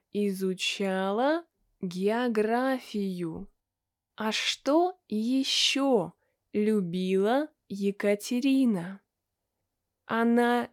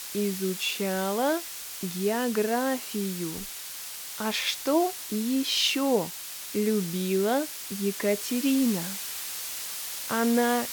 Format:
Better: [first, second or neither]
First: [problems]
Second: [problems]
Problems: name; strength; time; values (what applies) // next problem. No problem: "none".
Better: first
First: none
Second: hiss; loud; throughout; 7 dB below the speech